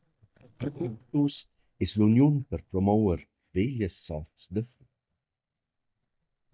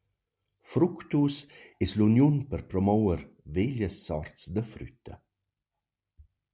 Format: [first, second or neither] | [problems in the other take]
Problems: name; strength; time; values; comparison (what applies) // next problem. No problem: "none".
second | noise reduction (neural mask model DeepFilterNet 3)